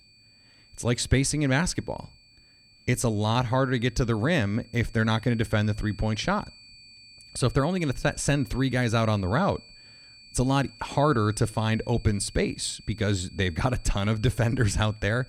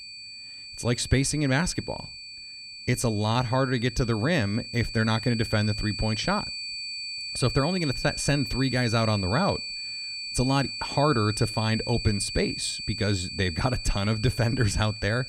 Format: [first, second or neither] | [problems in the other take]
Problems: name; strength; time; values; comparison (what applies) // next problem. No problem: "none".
first | high-pitched whine; loud; throughout; 4.5 kHz, 7 dB below the speech; faint in the first